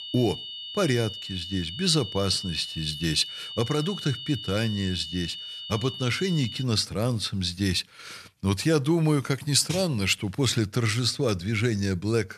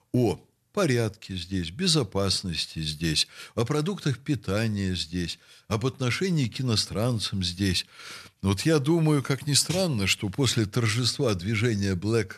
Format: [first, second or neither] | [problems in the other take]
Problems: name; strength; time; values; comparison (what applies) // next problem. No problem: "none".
second | high-pitched whine; loud; until 6.5 s; 3 kHz, 9 dB below the speech